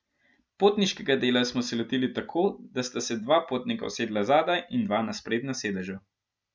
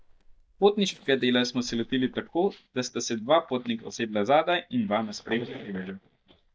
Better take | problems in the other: first | noise reduction (neural mask model DeepFilterNet 3)

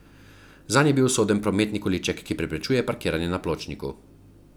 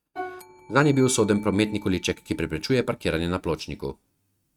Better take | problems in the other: first | noise reduction (neural mask model RNNoise)

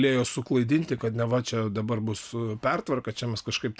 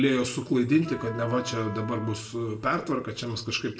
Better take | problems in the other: first | background sound (Wind instrument, woodwind instrument); 14 dB below the speech // room echo; dies away in 0.6 s

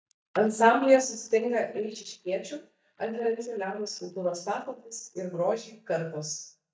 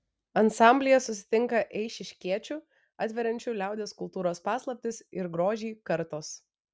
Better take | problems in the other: second | noise reduction (neural mask model DeepFilterNet 3)

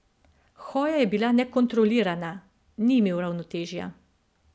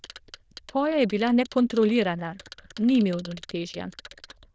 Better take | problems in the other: first | noise reduction (neural diffusion model UNIVERSE++)

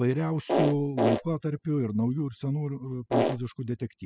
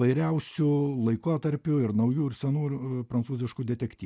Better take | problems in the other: second | noise reduction (classical method spectral subtraction)

